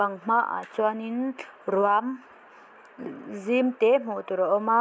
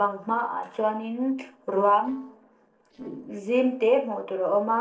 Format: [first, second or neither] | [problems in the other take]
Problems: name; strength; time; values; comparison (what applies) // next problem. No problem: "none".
first | noise reduction (neural separator model SepFormer DNS4)